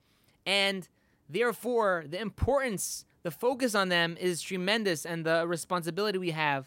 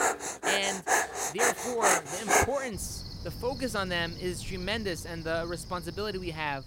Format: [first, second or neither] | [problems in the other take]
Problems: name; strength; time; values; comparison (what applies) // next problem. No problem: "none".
first | animal sounds; very loud; throughout; 4 dB above the speech